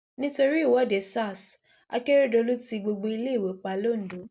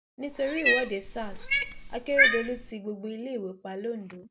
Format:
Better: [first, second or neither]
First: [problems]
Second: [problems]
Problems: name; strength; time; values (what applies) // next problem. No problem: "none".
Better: first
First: none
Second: background sound (Cat); 5 dB above the speech